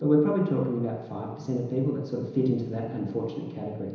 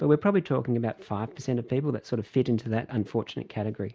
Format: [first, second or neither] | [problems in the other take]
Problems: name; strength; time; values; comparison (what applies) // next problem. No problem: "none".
second | room echo; dies away in 1 s